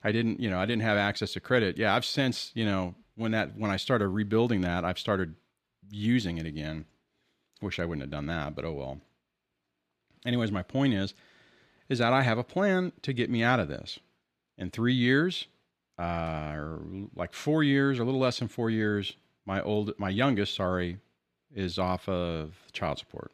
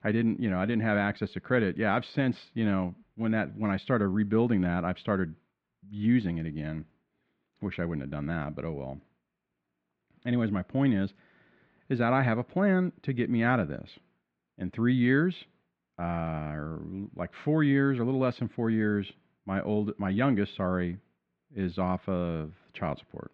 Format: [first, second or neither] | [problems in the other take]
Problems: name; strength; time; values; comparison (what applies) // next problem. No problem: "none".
first | muffled; slightly; fading above 2 kHz